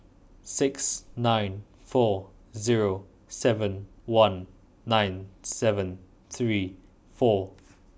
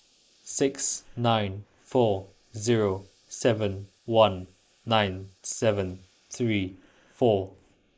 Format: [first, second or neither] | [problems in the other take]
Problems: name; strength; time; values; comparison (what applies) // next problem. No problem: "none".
first | noise reduction (neural mask model Resemble Enhance denoiser)